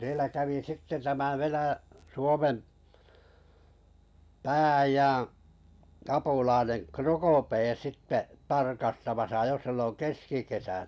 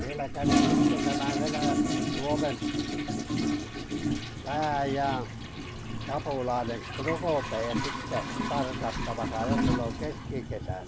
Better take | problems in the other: first | background sound (Toilet flush); 4 dB above the speech

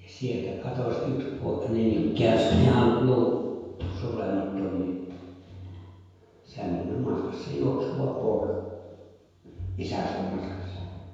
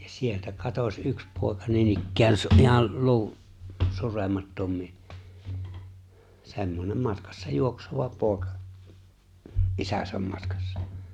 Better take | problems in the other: second | room echo; dies away in 1.2 s

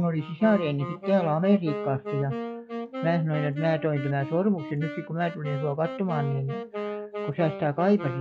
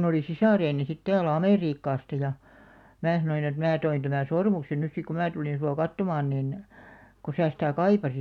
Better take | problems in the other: second | noise reduction (classical method log-MMSE)

